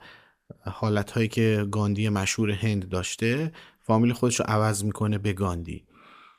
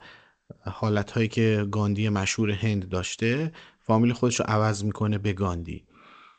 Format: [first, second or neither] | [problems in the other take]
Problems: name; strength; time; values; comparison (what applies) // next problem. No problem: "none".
first | garbled, watery; slightly; nothing above 7.5 kHz